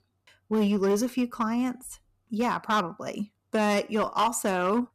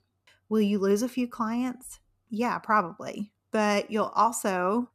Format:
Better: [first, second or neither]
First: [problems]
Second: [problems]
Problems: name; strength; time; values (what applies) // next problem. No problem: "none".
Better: second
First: distortion; slight; 7% of the sound clipped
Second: none